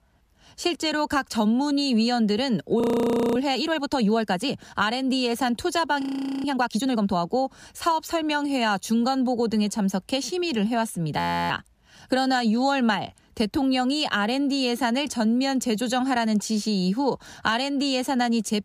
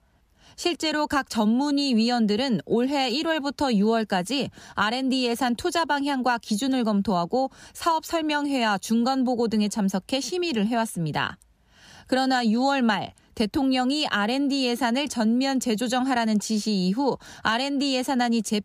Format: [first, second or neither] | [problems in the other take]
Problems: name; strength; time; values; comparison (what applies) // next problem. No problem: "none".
second | audio freezing; at 3 s for 0.5 s, at 6 s and at 11 s